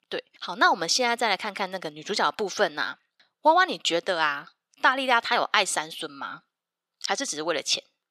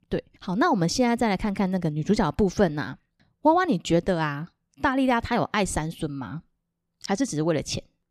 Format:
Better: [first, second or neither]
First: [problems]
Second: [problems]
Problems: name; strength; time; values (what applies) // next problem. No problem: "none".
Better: second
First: thin; very; fading below 600 Hz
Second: none